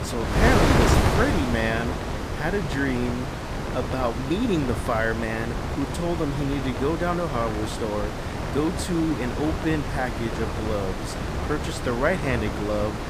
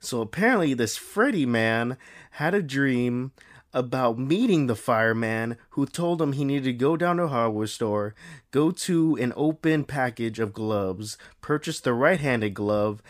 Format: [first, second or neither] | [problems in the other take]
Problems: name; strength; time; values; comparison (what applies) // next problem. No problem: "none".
second | wind noise on the microphone; heavy; 2 dB below the speech